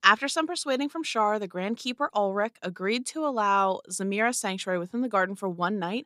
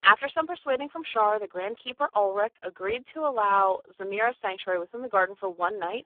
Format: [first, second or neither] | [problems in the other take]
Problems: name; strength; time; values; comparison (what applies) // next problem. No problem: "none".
first | phone-call audio; poor line